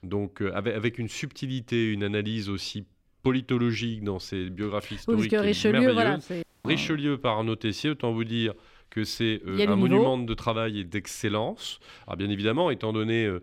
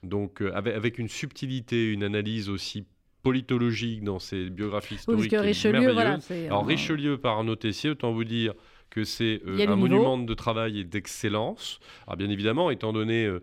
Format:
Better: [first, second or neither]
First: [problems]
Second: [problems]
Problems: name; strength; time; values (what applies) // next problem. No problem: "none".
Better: second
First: audio cutting out; at 6.5 s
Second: none